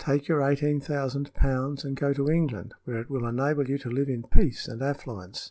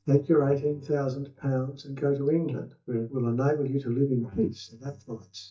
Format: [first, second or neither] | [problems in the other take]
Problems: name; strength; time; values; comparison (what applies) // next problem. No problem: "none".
first | noise reduction (neural mask model DeepFilterNet 3)